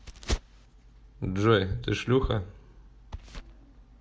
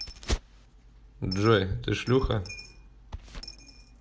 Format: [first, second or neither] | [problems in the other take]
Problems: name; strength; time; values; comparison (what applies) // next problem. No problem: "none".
first | background sound (Coin (dropping)); 18 dB below the speech